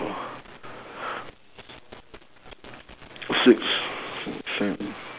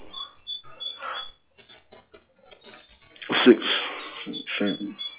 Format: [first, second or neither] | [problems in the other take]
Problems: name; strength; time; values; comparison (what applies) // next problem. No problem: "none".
first | noise reduction (classical method log-MMSE)